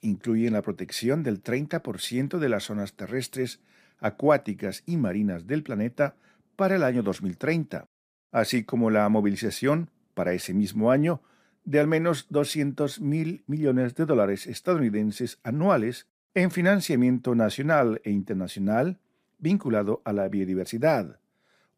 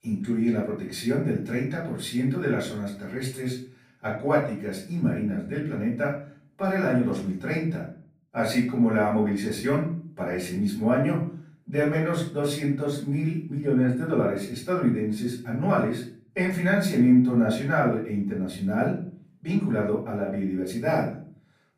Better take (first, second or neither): first